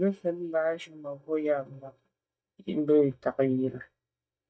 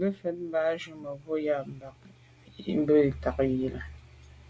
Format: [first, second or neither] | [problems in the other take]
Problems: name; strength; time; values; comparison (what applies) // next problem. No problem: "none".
second | noise reduction (neural mask model DeepFilterNet 3)